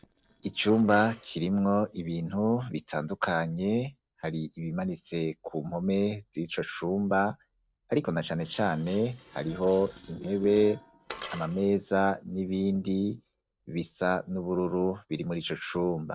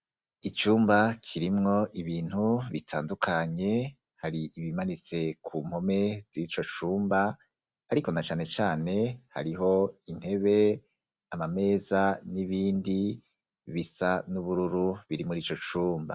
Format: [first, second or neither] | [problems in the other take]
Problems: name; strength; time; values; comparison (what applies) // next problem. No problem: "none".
second | noise reduction (neural separator model SepFormer DNS4)